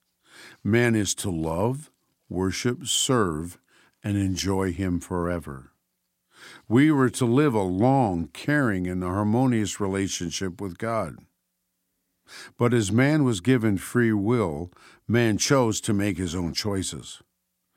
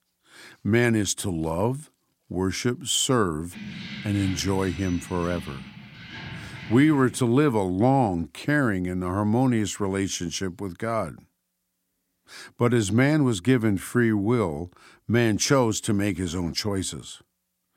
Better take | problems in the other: first | jangling keys; faint; from 3.5 to 7 s; peak 10 dB below the speech

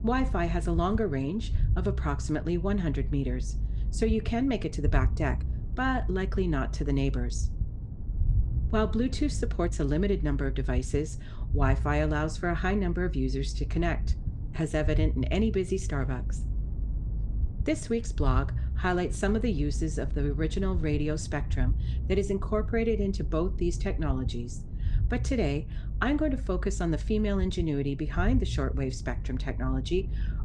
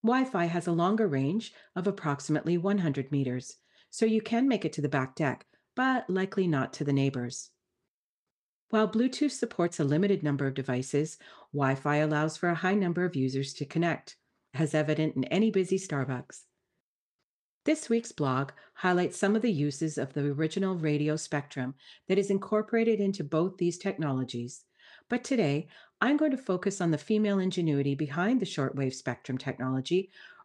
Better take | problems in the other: second | low rumble; noticeable; throughout; 15 dB below the speech

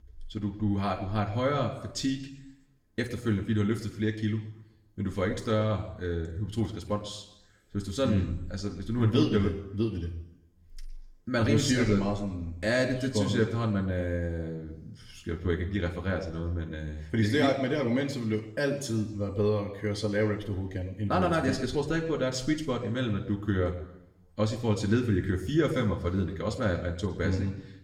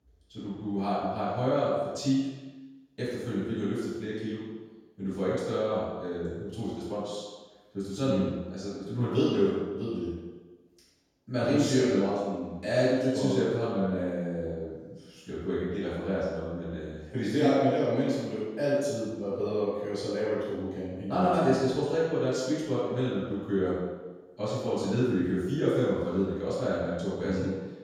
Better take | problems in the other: first | room echo; strong; dies away in 1.1 s; slight in the first // off-mic speech; far; somewhat distant in the first

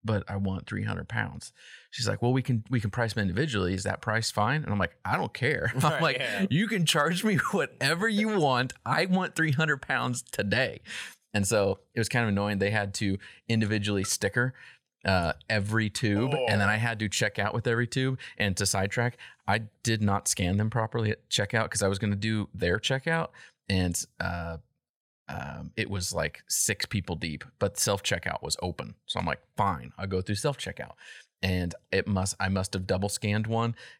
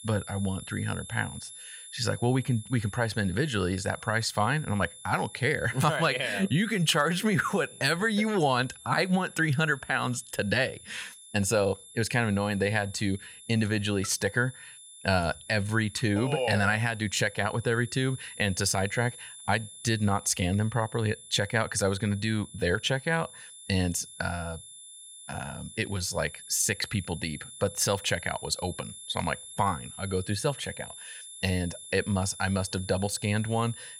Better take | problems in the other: first | high-pitched whine; noticeable; throughout; 11 kHz, 15 dB below the speech

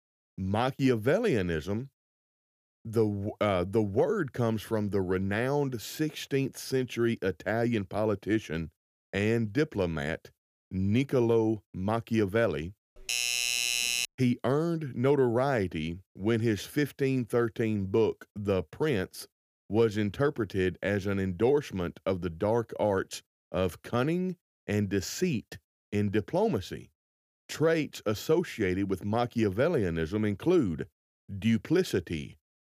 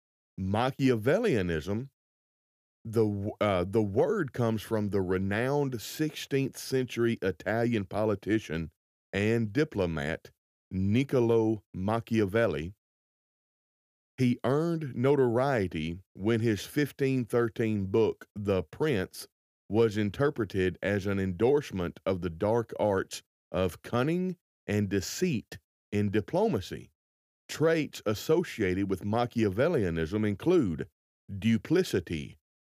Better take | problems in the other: second | doorbell; loud; from 13 to 14 s; peak 3 dB above the speech

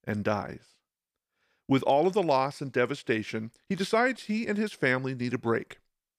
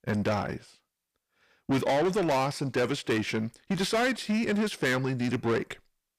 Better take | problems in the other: first | distortion; heavy; 7 dB below the speech

